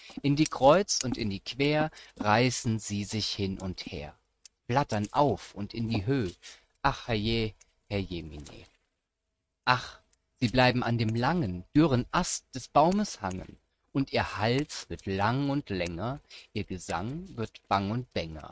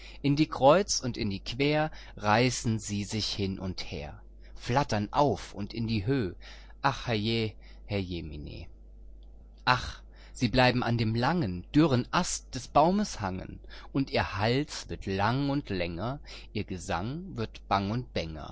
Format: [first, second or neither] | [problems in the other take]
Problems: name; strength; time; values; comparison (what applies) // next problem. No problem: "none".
second | noise reduction (neural mask model RNNoise)